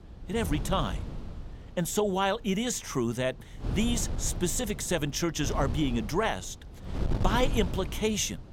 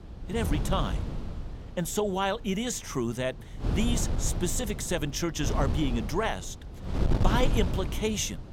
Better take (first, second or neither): first